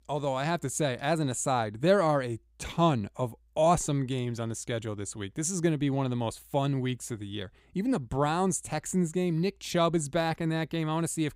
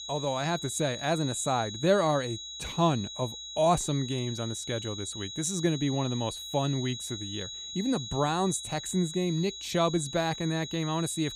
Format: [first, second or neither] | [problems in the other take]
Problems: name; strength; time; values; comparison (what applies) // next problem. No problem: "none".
first | high-pitched whine; loud; throughout; 4 kHz, 8 dB below the speech